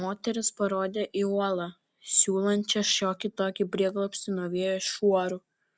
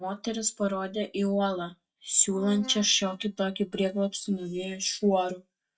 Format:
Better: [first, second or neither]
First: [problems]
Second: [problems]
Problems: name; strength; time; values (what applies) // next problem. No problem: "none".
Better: first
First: none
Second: noise reduction (neural mask model DeepFilterNet 3)